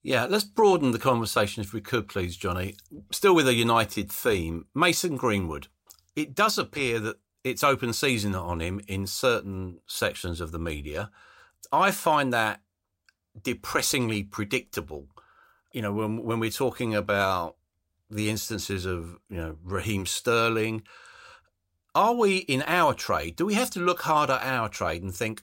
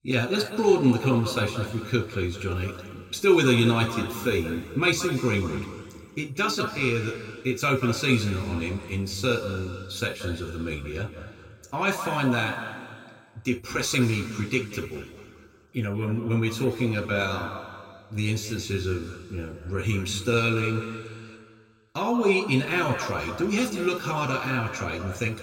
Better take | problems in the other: first | room echo; noticeable; dies away in 2.1 s // off-mic speech; somewhat distant

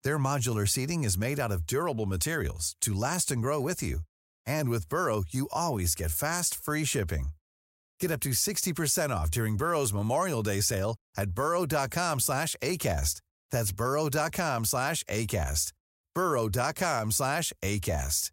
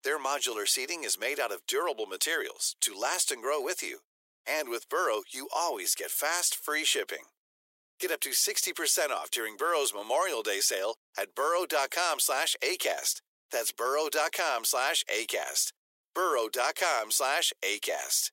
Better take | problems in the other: first | thin; very; fading below 350 Hz

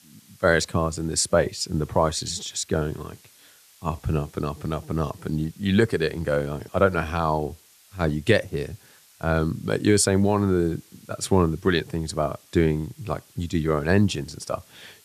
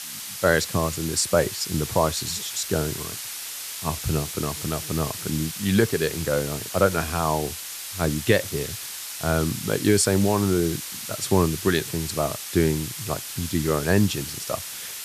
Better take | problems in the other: first | hiss; loud; throughout; 7 dB below the speech; faint in the first

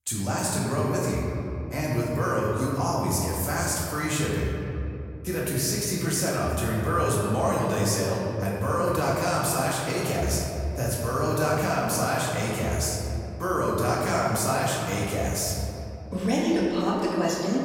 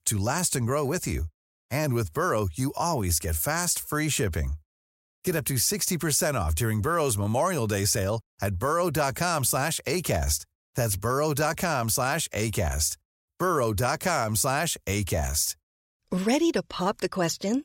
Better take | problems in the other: second | off-mic speech; far // room echo; noticeable; dies away in 2.6 s

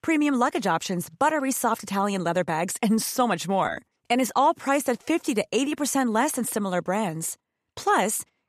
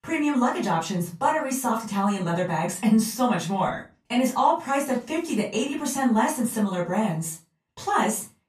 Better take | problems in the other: first | off-mic speech; far // room echo; slight; dies away in 0.3 s

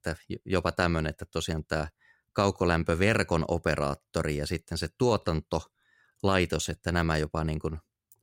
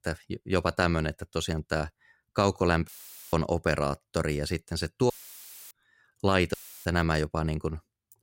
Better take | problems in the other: first | audio cutting out; filled with static; at 3 s, at 5 s for 0.5 s and at 6.5 s

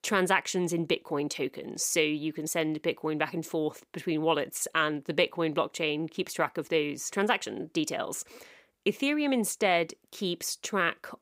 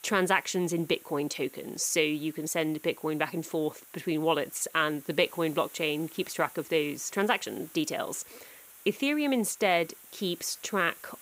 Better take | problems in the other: first | hiss; noticeable; throughout; 20 dB below the speech

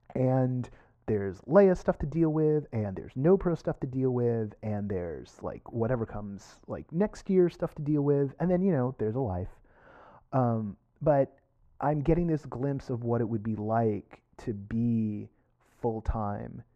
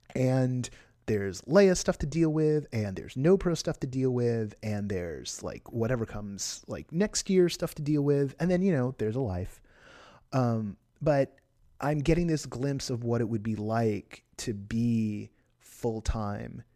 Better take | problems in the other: second | muffled; very; fading above 2.5 kHz

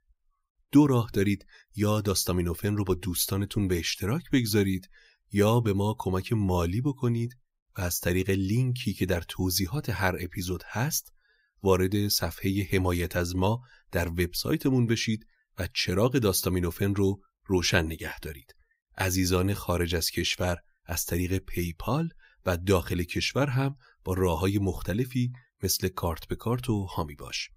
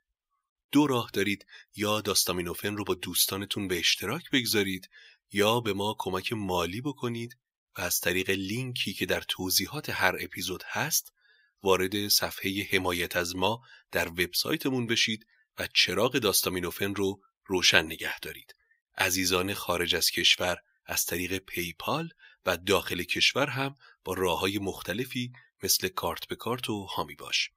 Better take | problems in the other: first | thin; somewhat; fading below 500 Hz

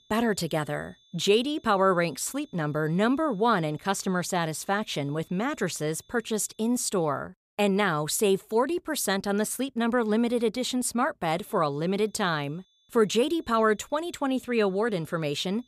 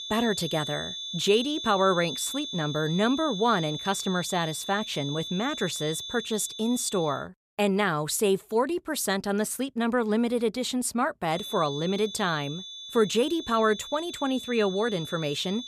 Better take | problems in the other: first | high-pitched whine; loud; until 7 s and from 11 s on; 3.5 kHz, 8 dB below the speech; faint in the first

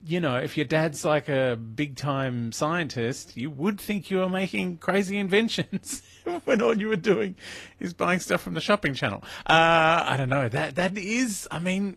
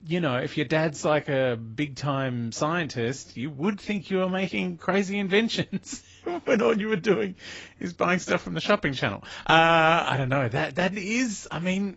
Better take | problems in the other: first | garbled, watery; badly; nothing above 7.5 kHz; slightly in the first

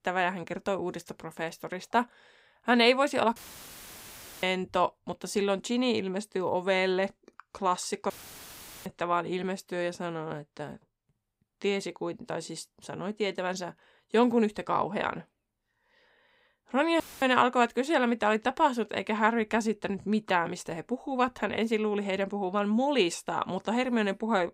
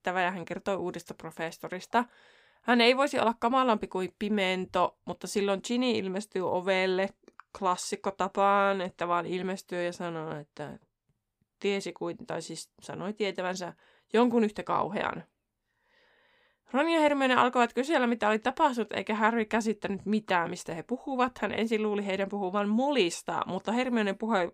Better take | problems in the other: second | audio cutting out; filled with static; at 3.5 s for 1 s, at 8 s for 1 s and at 17 s

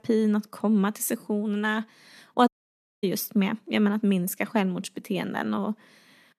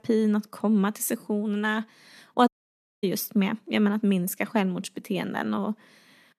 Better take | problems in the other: neither | audio cutting out; at 2.5 s for 0.5 s; the same in both

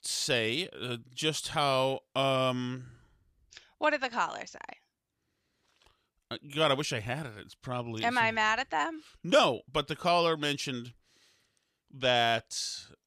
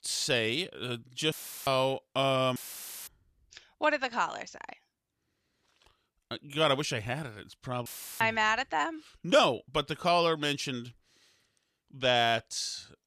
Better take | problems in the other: first | audio cutting out; filled with static; at 1.5 s, at 2.5 s for 0.5 s and at 8 s

